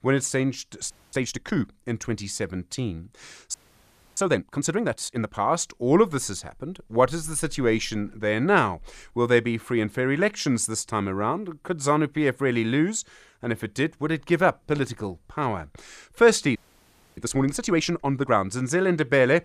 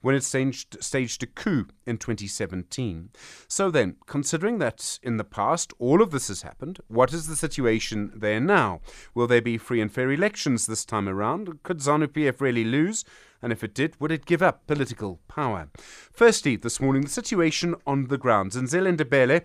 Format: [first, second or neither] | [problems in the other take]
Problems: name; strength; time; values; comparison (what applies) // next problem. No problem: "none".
second | audio freezing; at 1 s, at 3.5 s for 0.5 s and at 17 s for 0.5 s